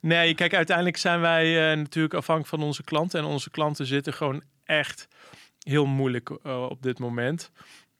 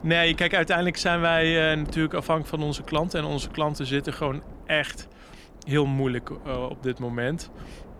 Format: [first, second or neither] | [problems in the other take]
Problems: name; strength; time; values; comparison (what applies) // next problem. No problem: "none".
first | wind noise on the microphone; occasional gusts; 20 dB below the speech